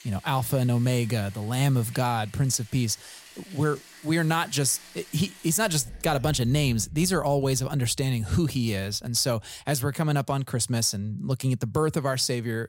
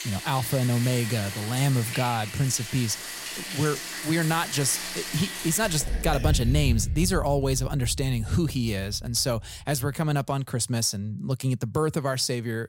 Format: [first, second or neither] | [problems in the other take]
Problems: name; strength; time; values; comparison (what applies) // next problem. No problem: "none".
first | household noises; loud; until 6.5 s; 6 dB below the speech; faint in the first